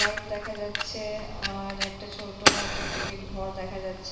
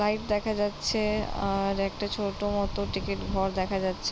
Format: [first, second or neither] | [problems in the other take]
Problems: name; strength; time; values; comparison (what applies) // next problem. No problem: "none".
second | background sound (Fire); 3 dB above the speech // room echo; dies away in 1.2 s